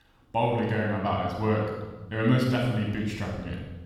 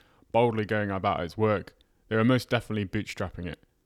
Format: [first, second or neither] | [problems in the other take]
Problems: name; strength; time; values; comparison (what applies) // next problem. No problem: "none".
second | off-mic speech; somewhat distant // room echo; noticeable; dies away in 1.1 s